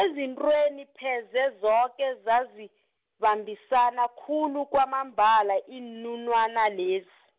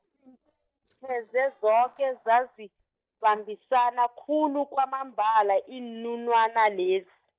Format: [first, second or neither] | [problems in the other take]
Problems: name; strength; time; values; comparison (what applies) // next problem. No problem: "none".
first | noise reduction (neural mask model DeepFilterNet 3)